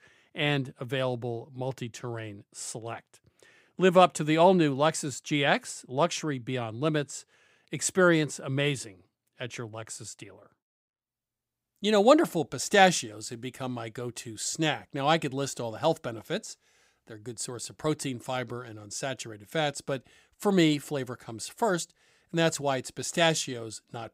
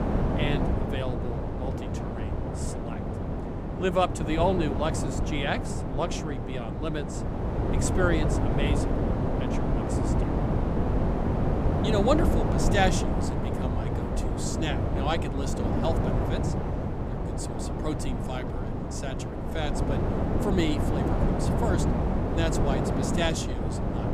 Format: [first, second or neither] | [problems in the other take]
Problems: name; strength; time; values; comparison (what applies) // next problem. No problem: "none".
first | wind noise on the microphone; heavy; 1 dB below the speech